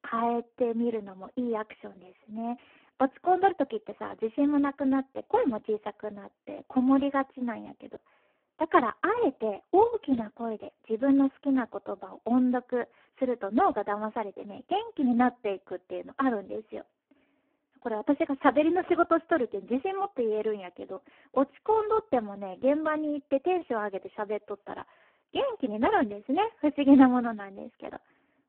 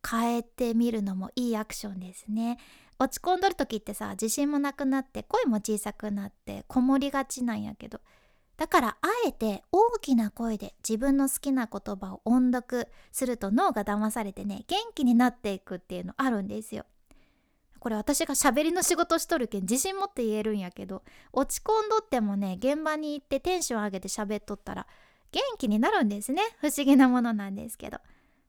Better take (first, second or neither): second